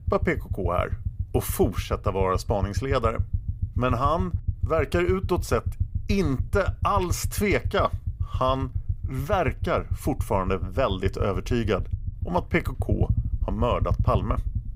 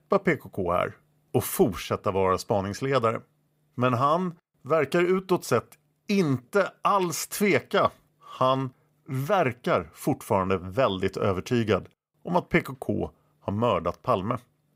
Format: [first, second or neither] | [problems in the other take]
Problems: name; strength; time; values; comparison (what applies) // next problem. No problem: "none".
second | low rumble; noticeable; throughout; 20 dB below the speech